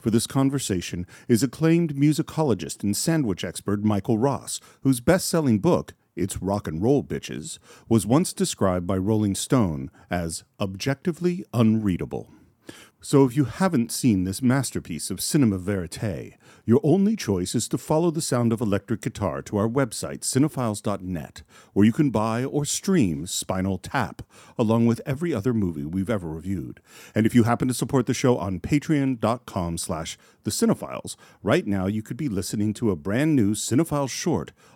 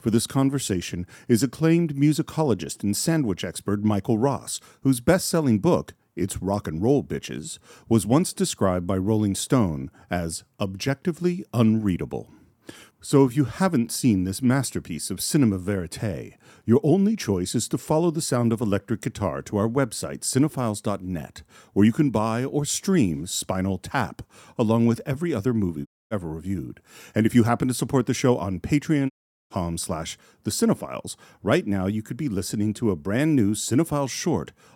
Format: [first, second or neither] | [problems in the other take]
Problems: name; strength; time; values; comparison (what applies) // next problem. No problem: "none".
first | audio cutting out; at 26 s and at 29 s